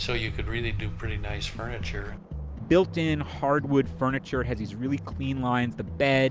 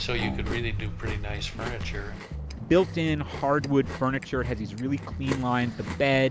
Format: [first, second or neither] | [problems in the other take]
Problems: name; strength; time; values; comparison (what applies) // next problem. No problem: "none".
first | background sound (Chewing, mastication + Bowed string instrument); 13 dB below the speech